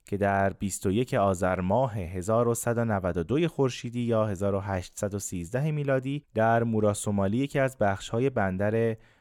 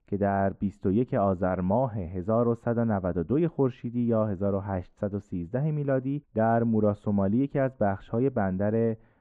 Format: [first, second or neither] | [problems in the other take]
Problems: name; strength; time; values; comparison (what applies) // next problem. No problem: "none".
first | muffled; very; fading above 1.5 kHz